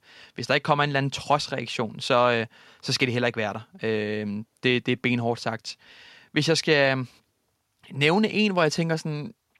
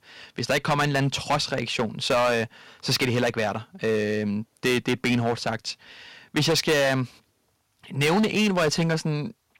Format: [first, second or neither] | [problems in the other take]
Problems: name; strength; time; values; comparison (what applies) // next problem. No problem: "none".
first | distortion; heavy; 9% of the sound clipped